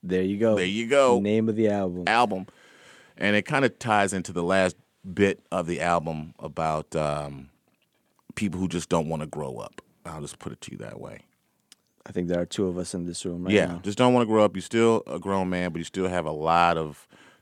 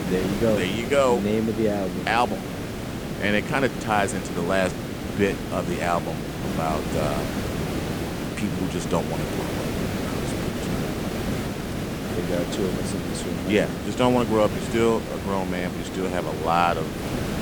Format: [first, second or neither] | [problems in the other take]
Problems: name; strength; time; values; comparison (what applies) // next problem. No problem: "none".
first | hiss; loud; throughout; 4 dB below the speech